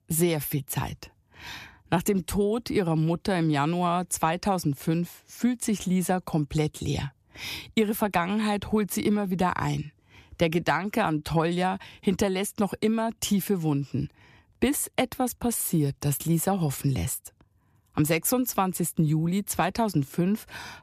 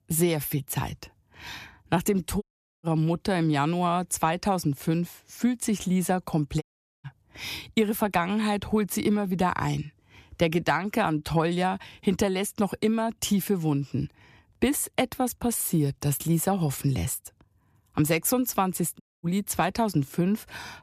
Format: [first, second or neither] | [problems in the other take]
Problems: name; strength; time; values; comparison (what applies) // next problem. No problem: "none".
first | audio cutting out; at 2.5 s, at 6.5 s and at 19 s